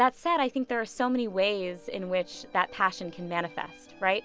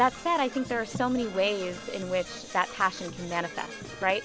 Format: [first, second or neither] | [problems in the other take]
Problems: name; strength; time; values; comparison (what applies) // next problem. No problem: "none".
first | background sound (Brass instrument / Percussion); 13 dB below the speech